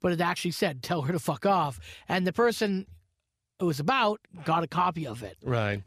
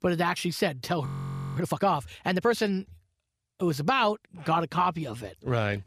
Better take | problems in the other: first | audio freezing; at 1 s for 0.5 s

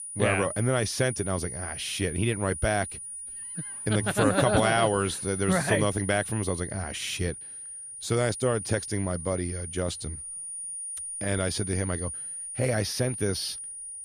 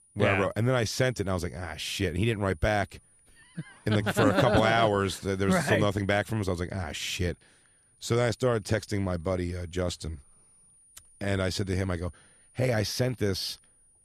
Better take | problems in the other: second | high-pitched whine; loud; throughout; 9.5 kHz, 7 dB below the speech; faint in the second

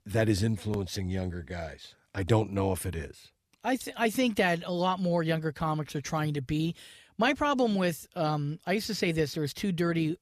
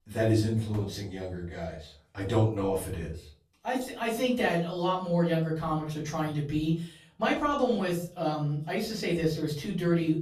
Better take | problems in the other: first | room echo; slight; dies away in 0.4 s // off-mic speech; far

